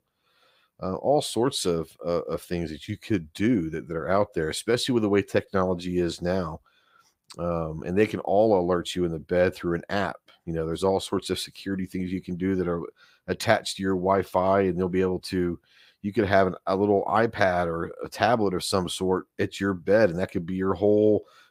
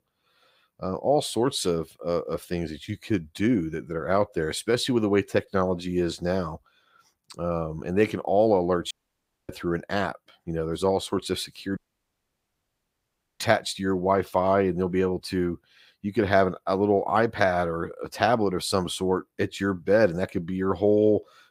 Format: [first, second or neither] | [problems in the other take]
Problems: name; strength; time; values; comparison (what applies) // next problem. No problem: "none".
first | audio cutting out; at 9 s for 0.5 s and at 12 s for 1.5 s